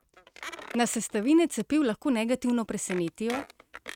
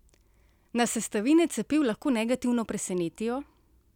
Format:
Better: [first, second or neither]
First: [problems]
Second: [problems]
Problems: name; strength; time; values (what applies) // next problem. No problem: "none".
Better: second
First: noise reduction (neural mask model RNNoise)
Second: none